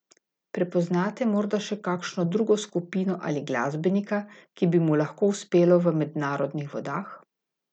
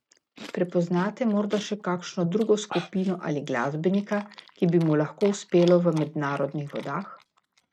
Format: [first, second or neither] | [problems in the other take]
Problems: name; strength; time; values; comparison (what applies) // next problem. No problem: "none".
first | noise reduction (neural mask model RNNoise)